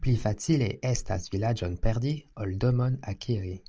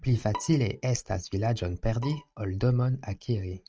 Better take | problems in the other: first | noise reduction (neural mask model RNNoise)

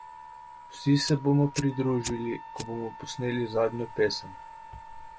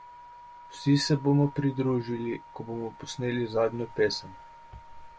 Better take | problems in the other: second | background sound (Wind instrument, woodwind instrument + Fire); 15 dB below the speech

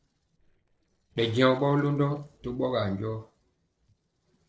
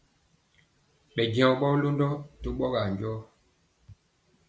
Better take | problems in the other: second | noise reduction (neural separator model SepFormer DNS4)

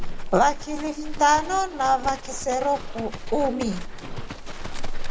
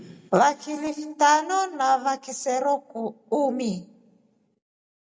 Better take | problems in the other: second | background sound (Livestock, farm animals, working animals); 4 dB below the speech

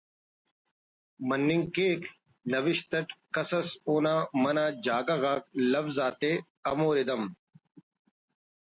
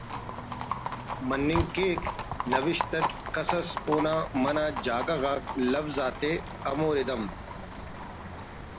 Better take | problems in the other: first | background sound (Livestock, farm animals, working animals); 5 dB below the speech

